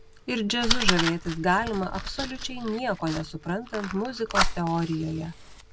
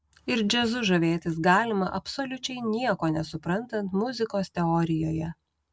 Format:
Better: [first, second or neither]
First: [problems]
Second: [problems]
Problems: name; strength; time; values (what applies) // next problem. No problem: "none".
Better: second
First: background sound (Fire); 2 dB below the speech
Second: none